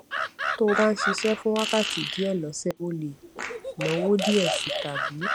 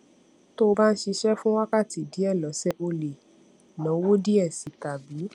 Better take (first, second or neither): second